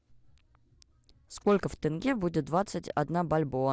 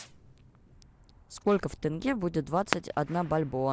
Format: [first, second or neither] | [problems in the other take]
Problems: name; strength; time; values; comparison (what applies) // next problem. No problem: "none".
first | background sound (Fireworks); 12 dB below the speech